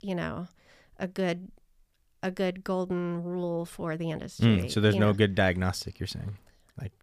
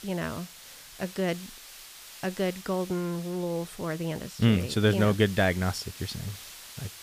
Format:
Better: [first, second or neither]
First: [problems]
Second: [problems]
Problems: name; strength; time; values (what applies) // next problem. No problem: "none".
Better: first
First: none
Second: hiss; noticeable; throughout; 15 dB below the speech